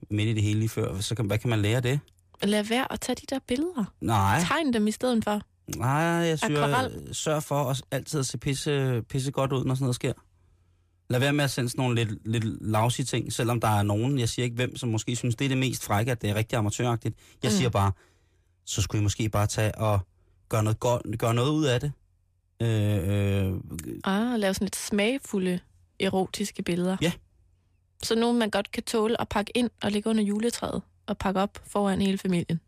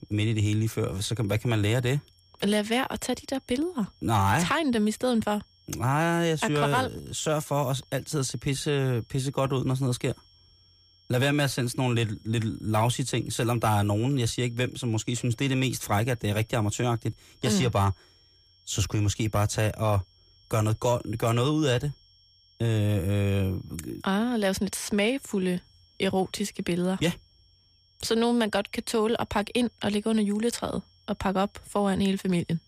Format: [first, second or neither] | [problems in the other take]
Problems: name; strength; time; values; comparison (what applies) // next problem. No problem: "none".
first | high-pitched whine; faint; throughout; 5.5 kHz, 30 dB below the speech